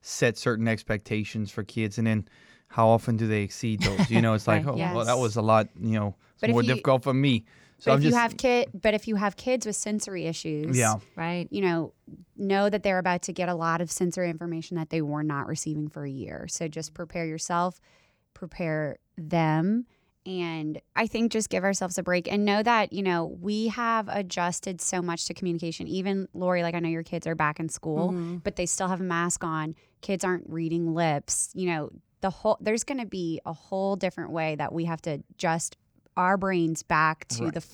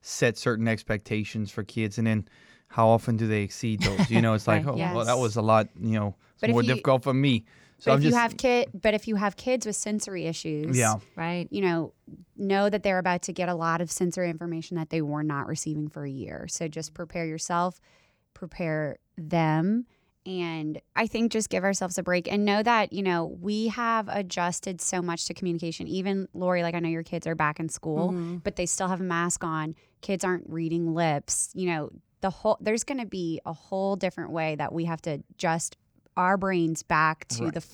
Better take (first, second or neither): neither